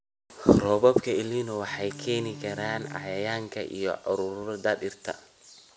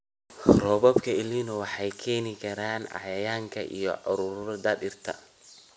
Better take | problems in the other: second | background sound (Bowed string instrument); 18 dB below the speech

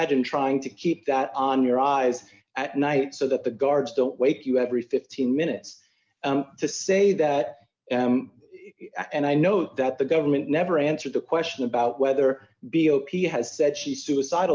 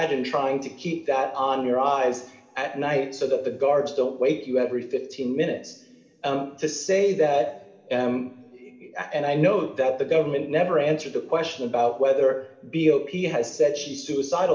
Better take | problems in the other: first | room echo; dies away in 1.7 s

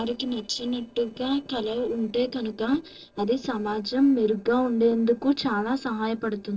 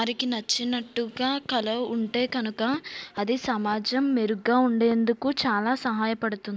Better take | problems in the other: second | noise reduction (neural separator model SepFormer DNS4)

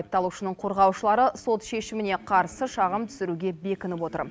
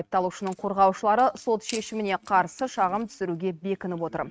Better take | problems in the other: first | noise reduction (neural mask model RNNoise)

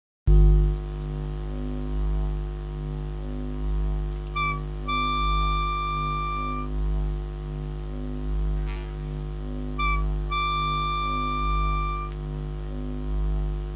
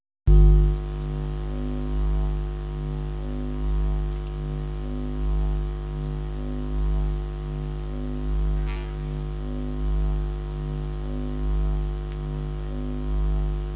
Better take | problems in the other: second | background sound (Wind instrument, woodwind instrument); 3 dB below the speech

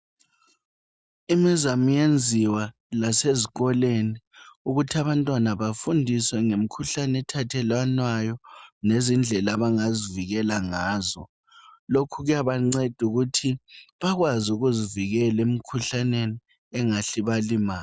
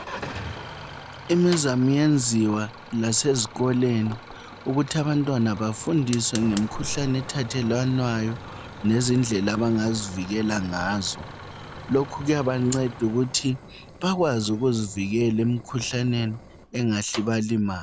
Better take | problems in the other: first | background sound (Idling / Engine starting + Fire); 15 dB below the speech

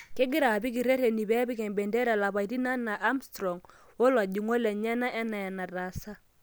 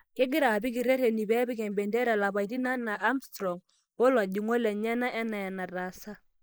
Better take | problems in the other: first | noise reduction (neural mask model Resemble Enhance denoiser)

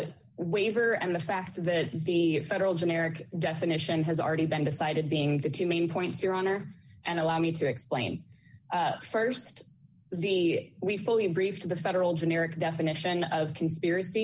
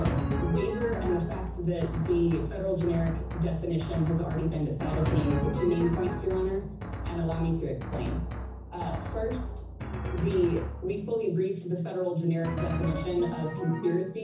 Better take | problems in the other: first | background sound (Drum); 4 dB below the speech // room echo; dies away in 0.6 s

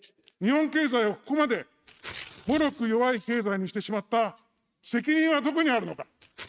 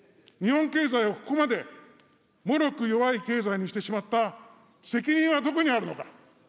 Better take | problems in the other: second | noise reduction (neural mask model RNNoise)

